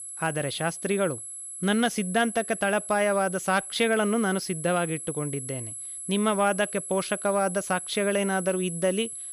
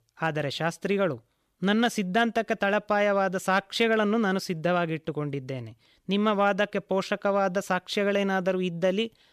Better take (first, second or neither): second